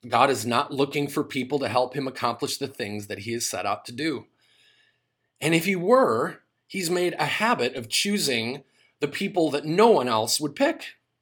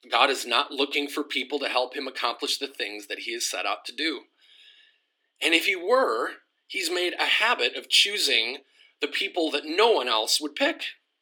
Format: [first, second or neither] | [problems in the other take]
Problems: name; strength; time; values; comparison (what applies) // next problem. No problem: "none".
first | thin; very slightly; fading below 300 Hz